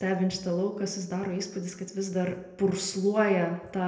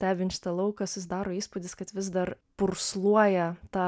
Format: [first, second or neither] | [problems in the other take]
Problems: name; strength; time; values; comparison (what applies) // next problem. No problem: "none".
second | room echo; dies away in 0.8 s